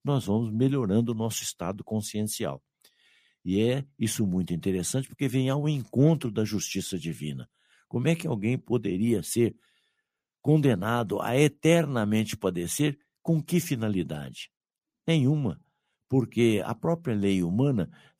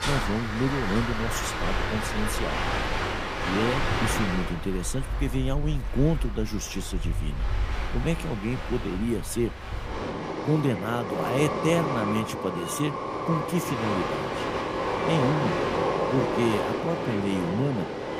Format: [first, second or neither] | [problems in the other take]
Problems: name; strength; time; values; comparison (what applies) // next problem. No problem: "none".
first | train or aircraft noise; loud; throughout; 1 dB below the speech